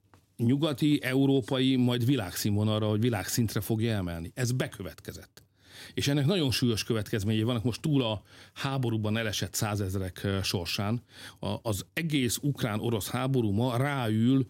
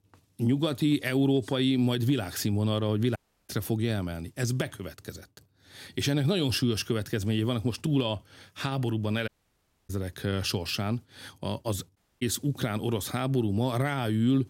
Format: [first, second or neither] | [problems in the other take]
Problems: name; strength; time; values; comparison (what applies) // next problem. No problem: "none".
first | audio cutting out; at 3 s, at 9.5 s for 0.5 s and at 12 s